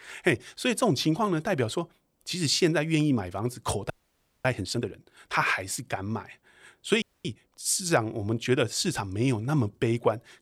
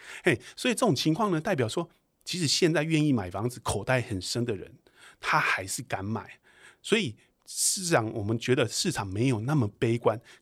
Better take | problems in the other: second | audio freezing; at 4 s for 0.5 s and at 7 s

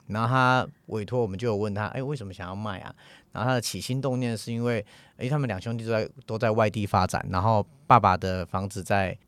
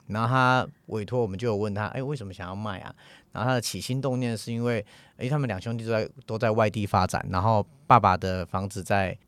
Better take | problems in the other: neither | none

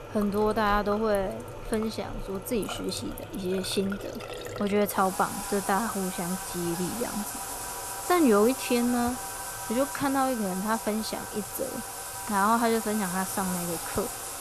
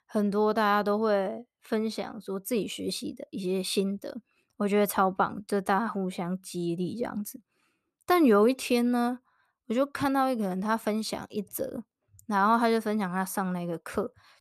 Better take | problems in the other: second | household noises; loud; throughout; 7 dB below the speech

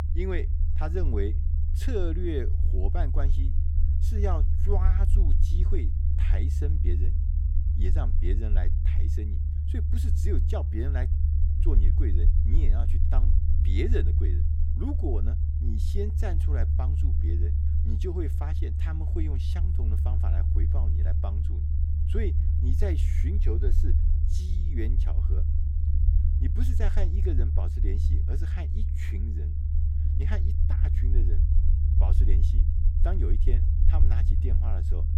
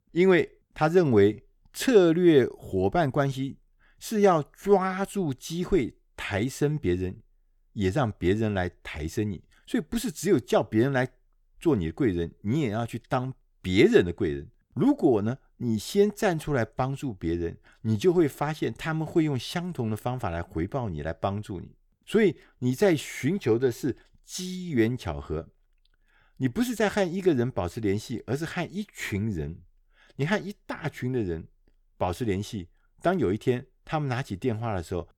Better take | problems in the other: second | low rumble; loud; throughout; 4 dB below the speech

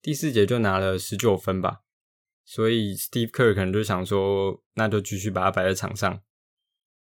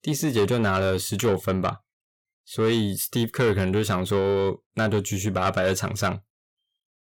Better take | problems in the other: first | distortion; slight; 10 dB below the speech

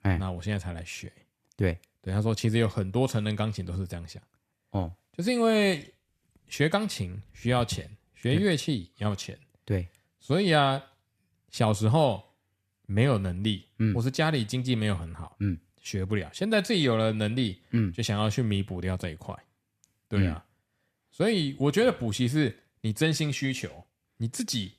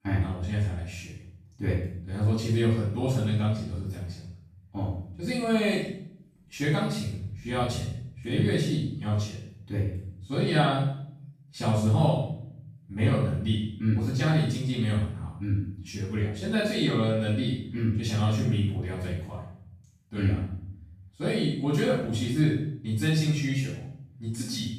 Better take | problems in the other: first | room echo; noticeable; dies away in 0.7 s // off-mic speech; far

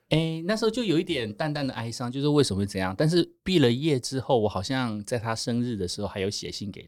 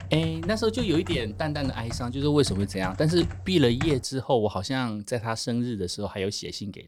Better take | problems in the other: first | keyboard typing; noticeable; until 4 s; peak 7 dB below the speech

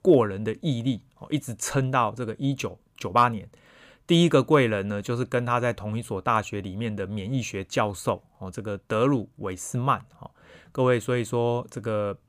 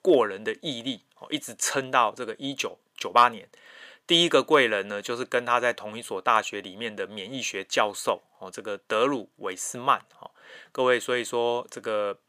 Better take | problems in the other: first | thin; somewhat; fading below 400 Hz

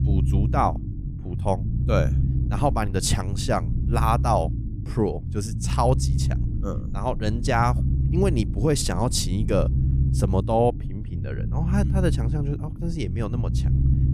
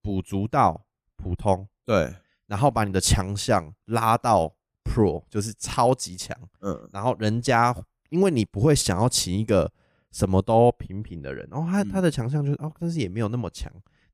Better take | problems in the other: second | low rumble; noticeable; throughout; 10 dB below the speech

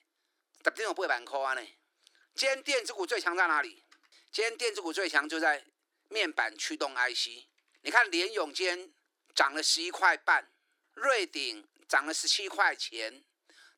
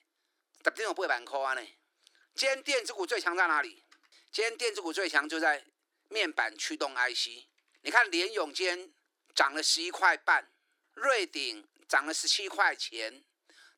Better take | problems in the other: neither | thin; very; fading below 300 Hz; the same in both

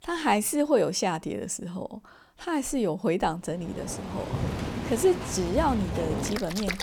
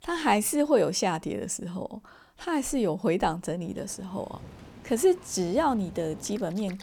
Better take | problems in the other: second | rain or running water; loud; from 4 s on; 5 dB below the speech; faint in the second

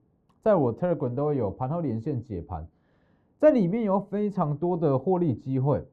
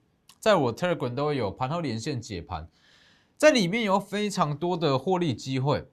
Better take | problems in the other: second | muffled; very; fading above 2 kHz

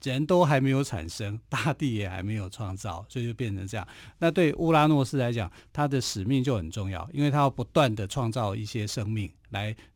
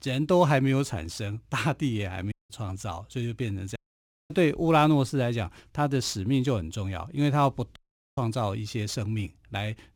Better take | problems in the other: first | audio cutting out; at 2.5 s, at 4 s for 0.5 s and at 8 s

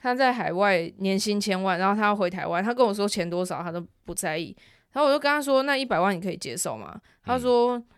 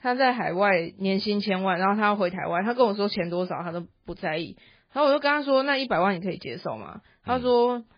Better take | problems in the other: first | garbled, watery; badly

